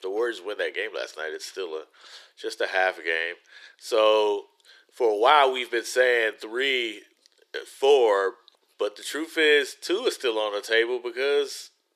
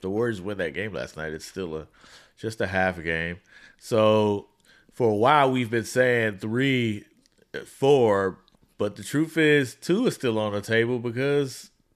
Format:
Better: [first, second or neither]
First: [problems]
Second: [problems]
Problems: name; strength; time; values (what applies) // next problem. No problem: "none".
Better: second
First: thin; very; fading below 350 Hz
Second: none